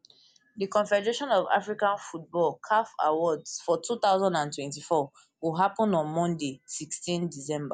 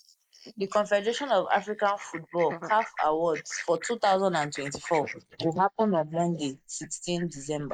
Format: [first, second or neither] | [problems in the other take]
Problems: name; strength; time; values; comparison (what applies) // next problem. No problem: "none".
first | noise reduction (neural mask model Resemble Enhance denoiser)